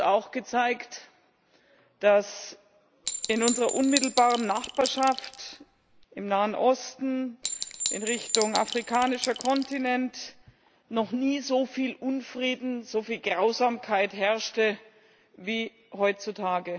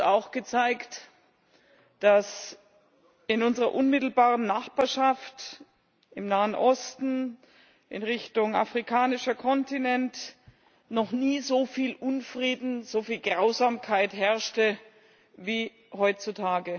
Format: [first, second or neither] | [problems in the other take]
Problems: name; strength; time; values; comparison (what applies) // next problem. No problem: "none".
second | background sound (Chink, clink); 6 dB below the speech